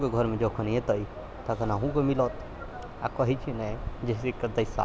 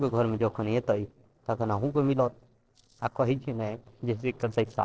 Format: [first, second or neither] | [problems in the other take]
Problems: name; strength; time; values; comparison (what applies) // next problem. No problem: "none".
first | noise reduction (neural separator model SepFormer DNS4)